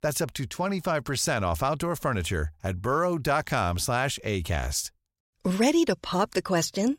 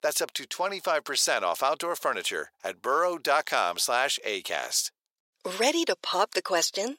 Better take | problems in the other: first | thin; very; fading below 450 Hz

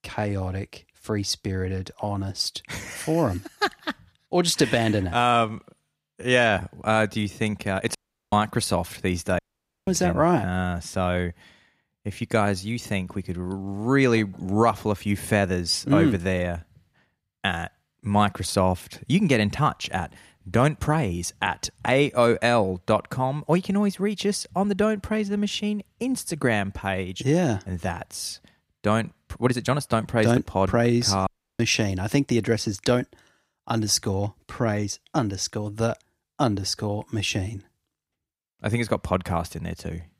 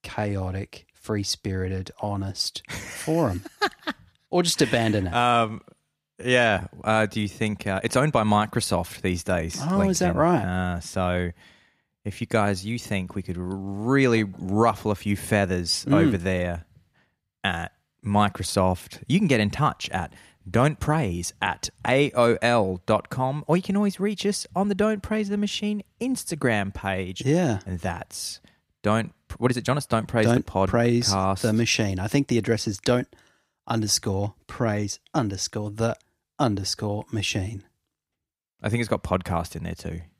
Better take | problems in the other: second | audio cutting out; at 8 s, at 9.5 s and at 31 s

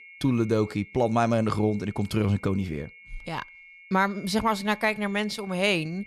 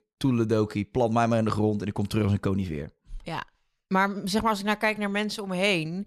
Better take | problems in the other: second | high-pitched whine; faint; throughout; 2 kHz, 20 dB below the speech

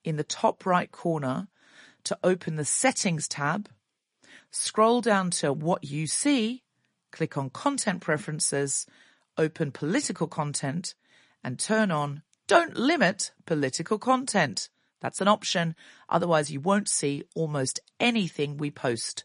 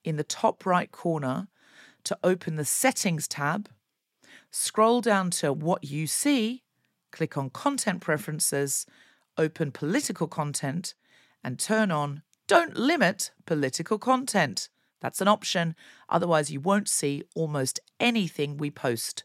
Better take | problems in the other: second | garbled, watery; slightly; nothing above 10.5 kHz

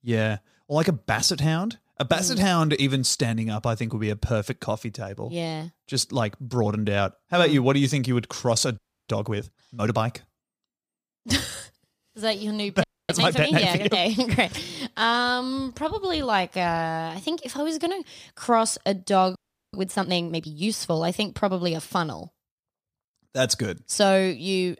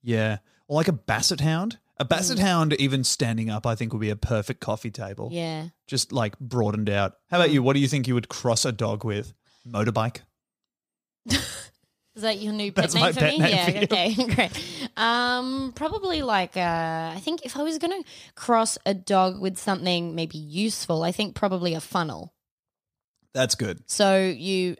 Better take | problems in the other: second | audio freezing; at 9 s, at 13 s and at 19 s

